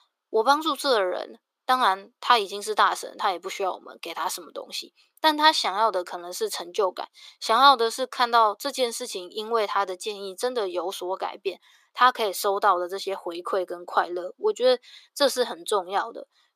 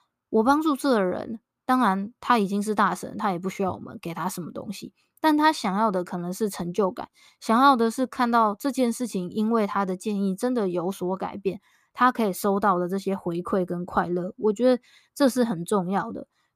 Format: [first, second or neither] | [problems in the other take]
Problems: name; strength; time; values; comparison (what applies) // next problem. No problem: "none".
second | thin; very; fading below 400 Hz